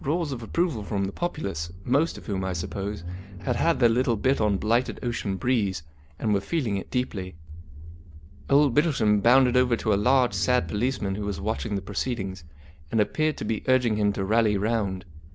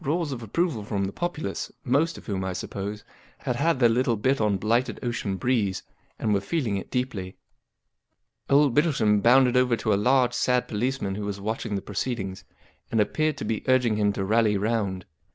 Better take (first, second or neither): second